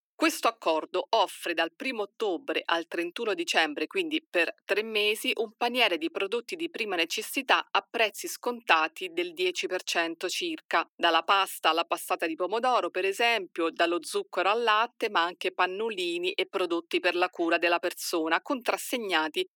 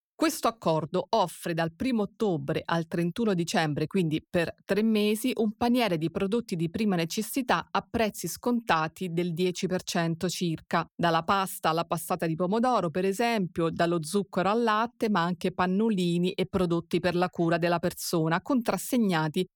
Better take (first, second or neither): second